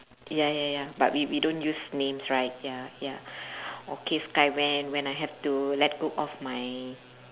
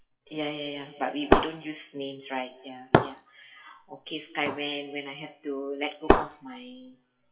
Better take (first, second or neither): first